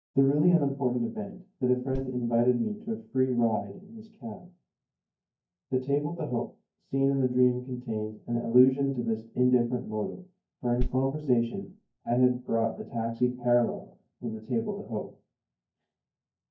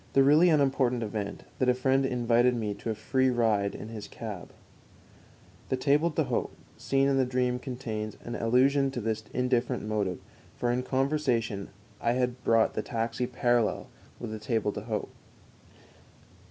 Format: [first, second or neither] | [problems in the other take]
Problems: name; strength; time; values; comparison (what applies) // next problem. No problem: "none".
second | noise reduction (neural mask model DeepFilterNet 3)